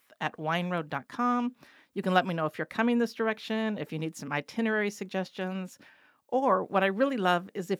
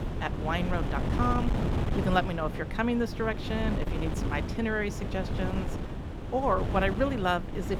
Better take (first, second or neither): first